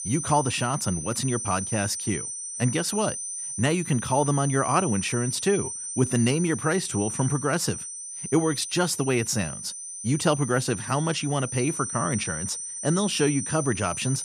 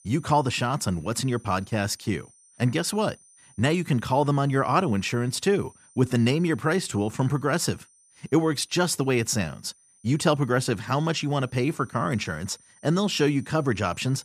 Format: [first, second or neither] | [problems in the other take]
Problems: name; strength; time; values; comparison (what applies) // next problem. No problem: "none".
second | high-pitched whine; loud; throughout; 9 kHz, 6 dB below the speech; faint in the second